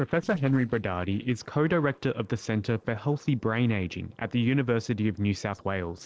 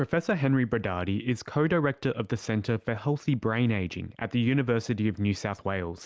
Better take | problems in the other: second | noise reduction (neural separator model SepFormer DNS4)

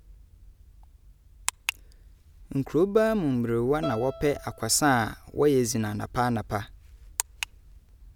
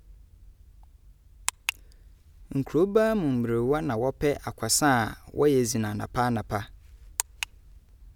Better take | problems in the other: second | background sound (Bowed string instrument); 15 dB below the speech

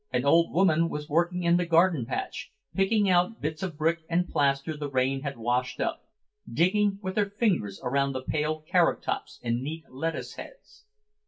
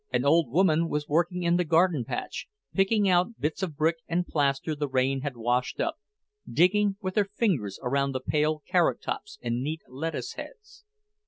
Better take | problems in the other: second | room echo; dies away in 0.2 s

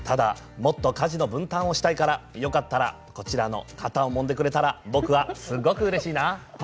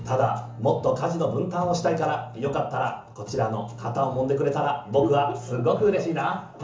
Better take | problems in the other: first | room echo; dies away in 0.8 s

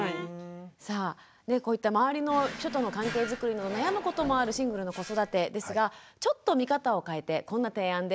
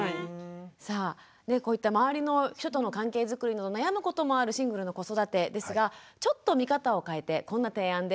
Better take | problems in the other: second | background sound (Drawer open or close); 11 dB below the speech

